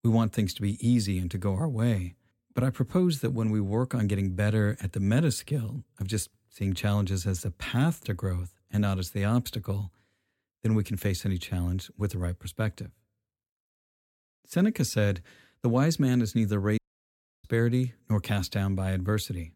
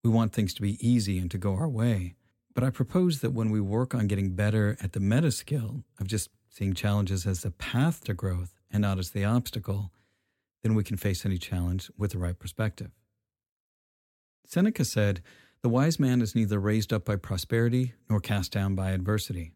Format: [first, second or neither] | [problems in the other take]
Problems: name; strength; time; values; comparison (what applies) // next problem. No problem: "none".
second | audio cutting out; at 17 s for 0.5 s